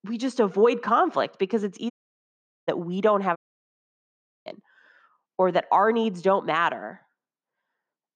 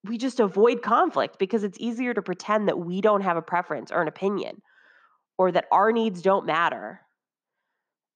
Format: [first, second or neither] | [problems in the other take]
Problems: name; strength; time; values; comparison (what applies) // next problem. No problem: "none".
second | audio cutting out; at 2 s for 1 s and at 3.5 s for 1 s